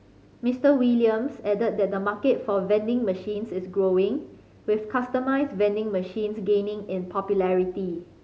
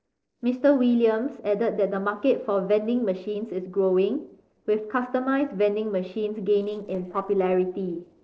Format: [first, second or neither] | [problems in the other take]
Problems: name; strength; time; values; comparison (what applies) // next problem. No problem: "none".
first | noise reduction (neural separator model SepFormer DNS4)